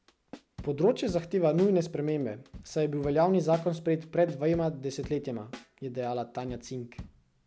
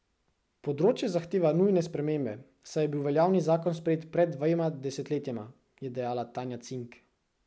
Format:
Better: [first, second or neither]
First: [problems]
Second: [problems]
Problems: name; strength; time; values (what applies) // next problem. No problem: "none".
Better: second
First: background sound (Drum / Drum kit); 19 dB below the speech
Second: none